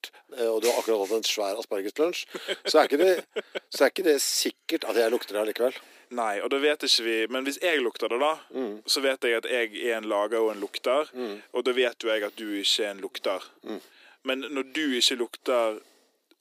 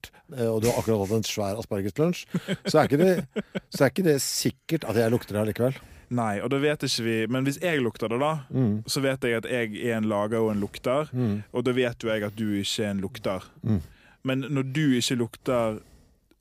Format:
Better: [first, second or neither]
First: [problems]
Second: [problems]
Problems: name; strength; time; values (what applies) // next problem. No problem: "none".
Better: second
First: thin; somewhat; fading below 300 Hz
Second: none